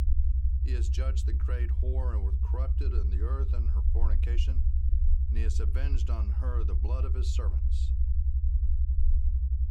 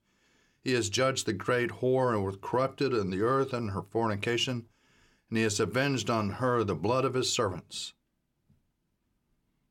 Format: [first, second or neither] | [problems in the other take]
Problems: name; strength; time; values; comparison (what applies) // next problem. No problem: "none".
second | low rumble; loud; throughout; 3 dB below the speech